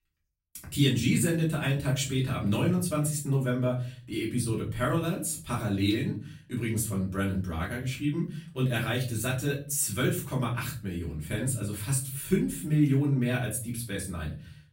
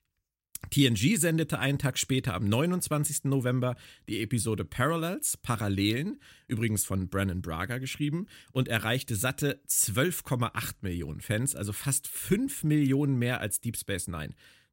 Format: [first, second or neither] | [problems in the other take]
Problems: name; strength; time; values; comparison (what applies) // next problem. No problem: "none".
second | room echo; slight; dies away in 0.4 s // off-mic speech; far